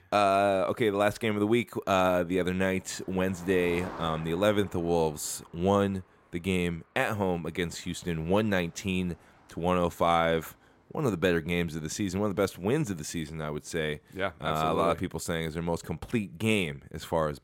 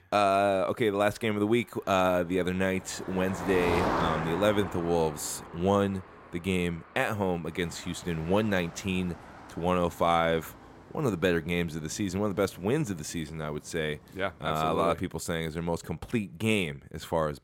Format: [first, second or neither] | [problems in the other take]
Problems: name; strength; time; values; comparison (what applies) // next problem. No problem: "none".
first | traffic noise; loud; throughout; 9 dB below the speech; faint in the first